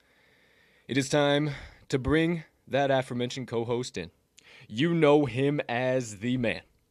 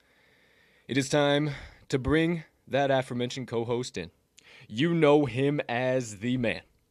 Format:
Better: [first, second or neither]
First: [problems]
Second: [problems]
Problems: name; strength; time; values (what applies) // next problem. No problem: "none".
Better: neither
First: none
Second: none